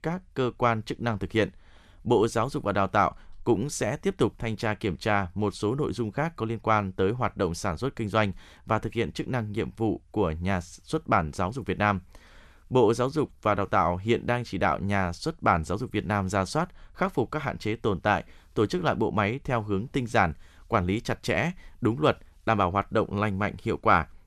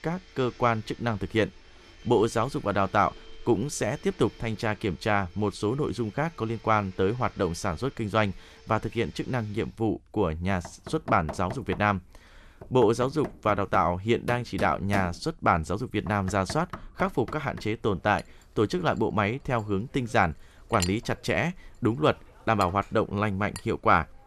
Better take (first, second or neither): first